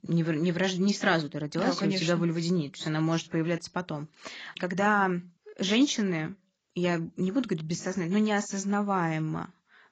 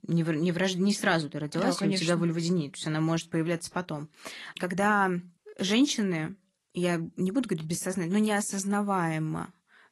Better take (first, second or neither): second